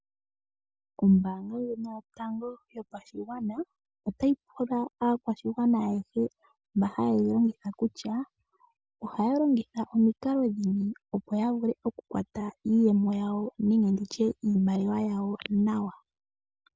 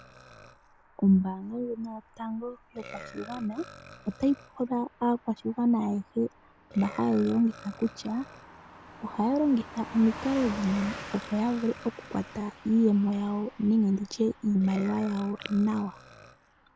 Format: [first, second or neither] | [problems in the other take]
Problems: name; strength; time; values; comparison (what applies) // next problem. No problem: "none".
first | background sound (Car passing by / Truck + Burping, eructation); 17 dB below the speech